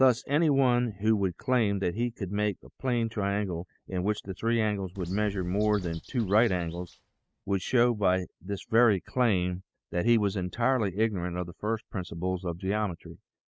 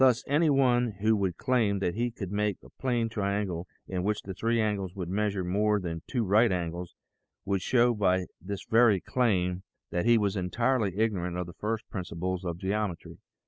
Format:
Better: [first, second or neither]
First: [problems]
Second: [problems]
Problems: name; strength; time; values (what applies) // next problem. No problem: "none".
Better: second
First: noise reduction (neural mask model RNNoise)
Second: none